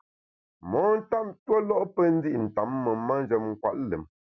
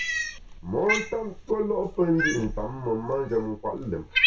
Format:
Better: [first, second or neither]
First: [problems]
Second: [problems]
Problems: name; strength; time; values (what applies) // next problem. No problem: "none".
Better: first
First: none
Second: background sound (Cat); 2 dB below the speech // room echo; dies away in 0.2 s